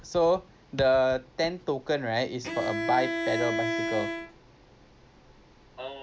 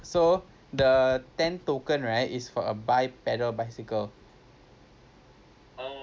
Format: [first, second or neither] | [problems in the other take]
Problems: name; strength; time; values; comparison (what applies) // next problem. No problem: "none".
second | background sound (Bowed string instrument); 3 dB below the speech